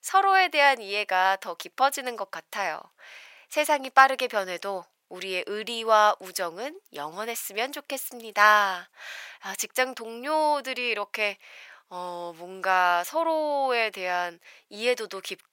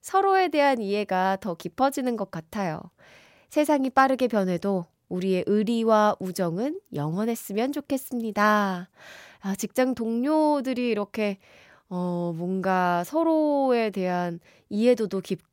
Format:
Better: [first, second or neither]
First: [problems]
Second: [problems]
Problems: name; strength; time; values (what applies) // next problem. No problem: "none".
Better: second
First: thin; very; fading below 850 Hz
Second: none